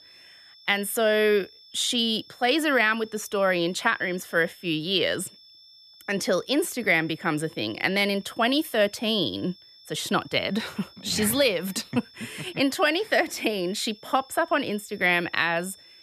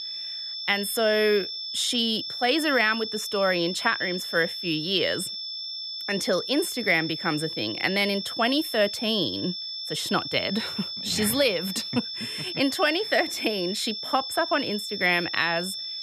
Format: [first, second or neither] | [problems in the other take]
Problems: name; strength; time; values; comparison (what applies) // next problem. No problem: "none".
first | high-pitched whine; loud; throughout; 5.5 kHz, 6 dB below the speech; faint in the first